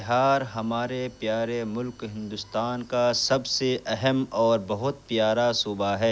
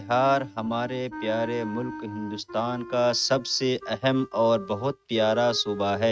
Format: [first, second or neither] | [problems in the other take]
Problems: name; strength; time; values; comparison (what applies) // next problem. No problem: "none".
first | noise reduction (neural mask model RNNoise)